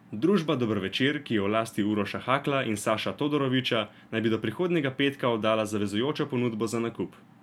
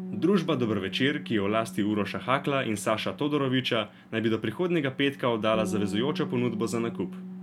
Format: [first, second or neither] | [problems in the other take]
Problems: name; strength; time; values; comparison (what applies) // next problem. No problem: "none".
first | background sound (Bass guitar); 11 dB below the speech